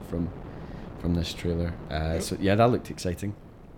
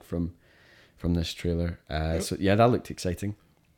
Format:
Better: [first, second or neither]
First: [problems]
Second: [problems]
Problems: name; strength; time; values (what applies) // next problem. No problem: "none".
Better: second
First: wind noise on the microphone; occasional gusts; 15 dB below the speech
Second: none